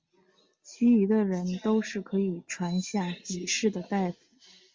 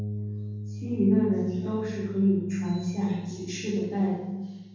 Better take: first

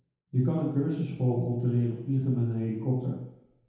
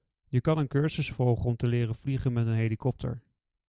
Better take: second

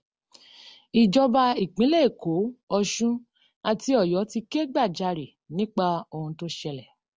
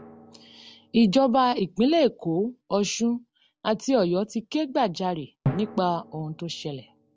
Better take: first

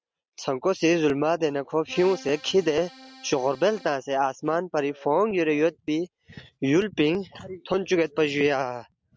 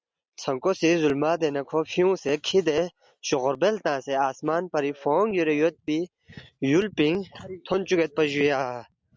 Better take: second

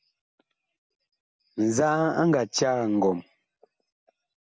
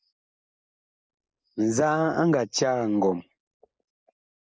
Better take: first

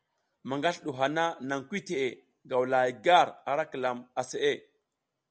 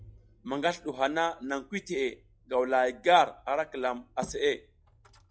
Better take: first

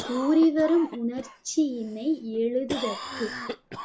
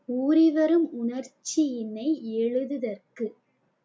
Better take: second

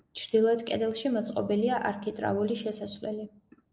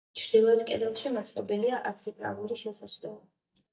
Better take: first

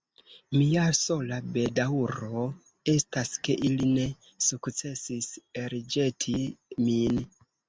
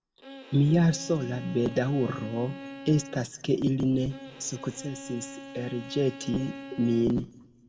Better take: first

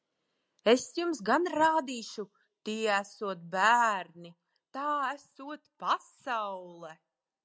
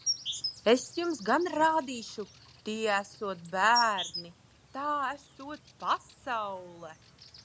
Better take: first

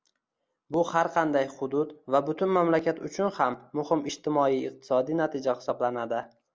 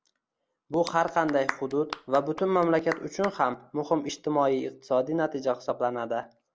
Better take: first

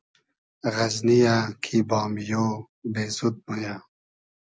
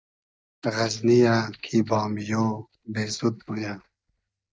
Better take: first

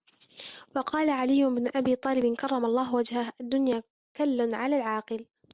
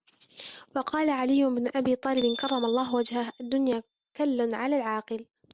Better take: first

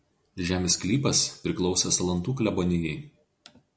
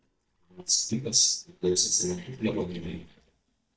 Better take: first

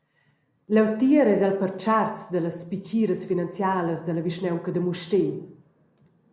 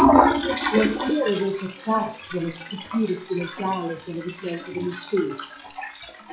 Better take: first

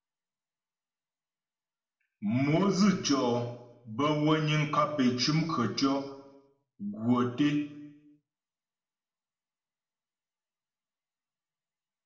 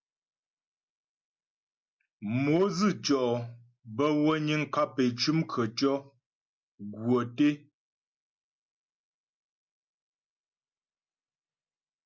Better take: second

